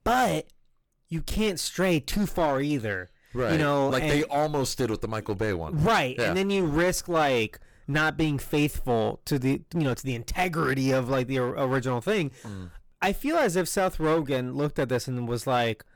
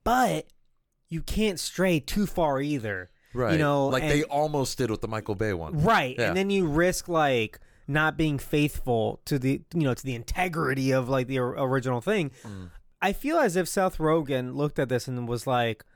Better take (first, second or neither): second